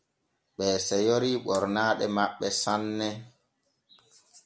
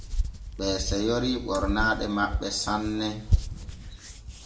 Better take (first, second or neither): first